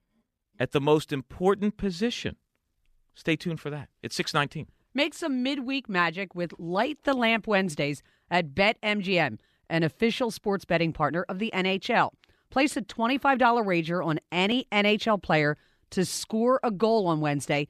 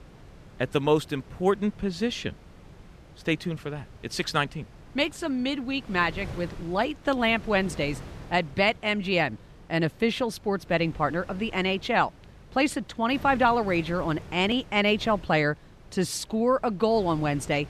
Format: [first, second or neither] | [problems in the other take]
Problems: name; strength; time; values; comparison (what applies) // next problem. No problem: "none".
first | wind noise on the microphone; occasional gusts; 25 dB below the speech